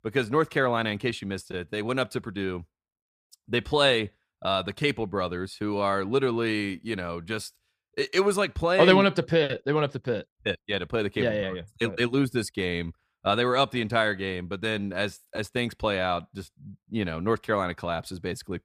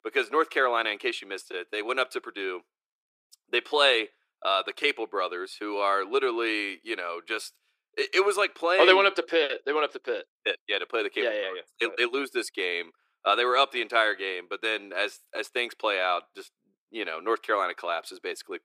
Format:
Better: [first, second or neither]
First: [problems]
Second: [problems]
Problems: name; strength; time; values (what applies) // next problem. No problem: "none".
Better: first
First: none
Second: thin; very; fading below 350 Hz